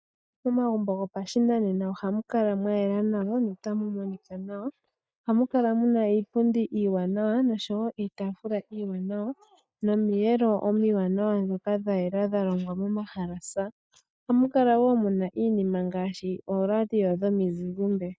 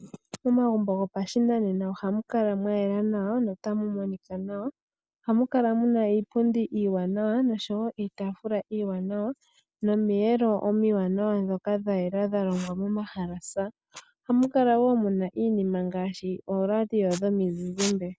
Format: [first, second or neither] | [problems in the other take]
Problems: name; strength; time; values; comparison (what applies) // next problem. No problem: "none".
second | noise reduction (neural mask model DeepFilterNet 3)